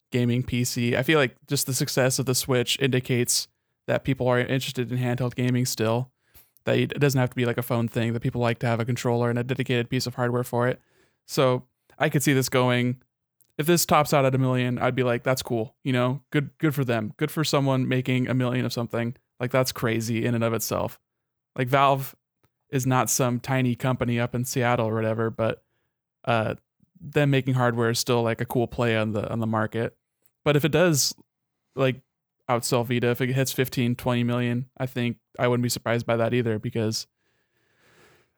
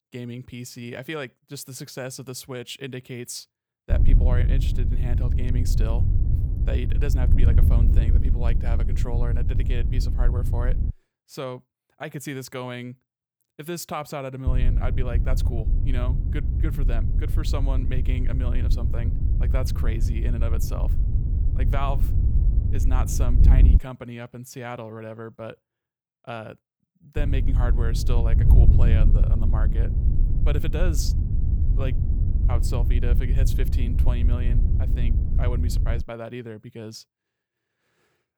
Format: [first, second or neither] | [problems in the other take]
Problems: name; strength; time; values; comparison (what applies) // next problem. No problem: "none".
first | wind noise on the microphone; heavy; from 4 to 11 s, from 14 to 24 s and from 27 to 36 s; 4 dB below the speech